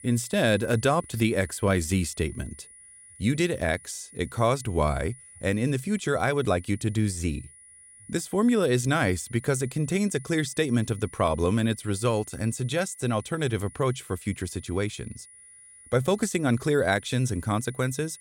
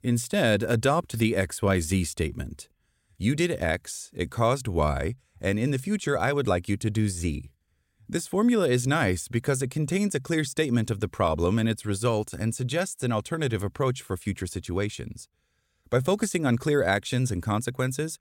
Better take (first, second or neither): second